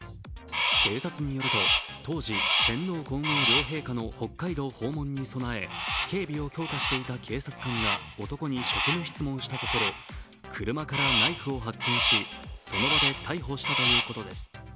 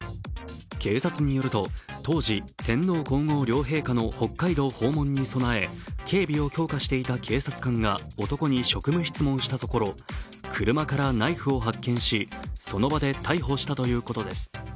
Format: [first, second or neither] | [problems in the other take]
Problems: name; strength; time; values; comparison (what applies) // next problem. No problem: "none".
second | background sound (Crow); 2 dB above the speech